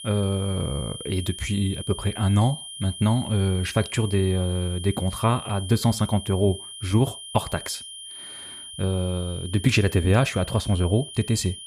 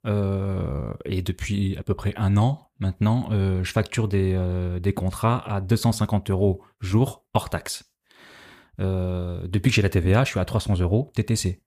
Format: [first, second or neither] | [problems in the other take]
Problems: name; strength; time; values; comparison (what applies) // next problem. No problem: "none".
second | high-pitched whine; noticeable; throughout; 3 kHz, 10 dB below the speech